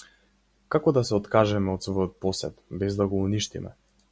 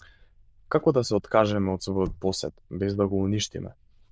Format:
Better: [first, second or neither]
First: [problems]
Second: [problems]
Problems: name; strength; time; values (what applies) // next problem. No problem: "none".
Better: first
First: none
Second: noise reduction (neural diffusion model UNIVERSE++)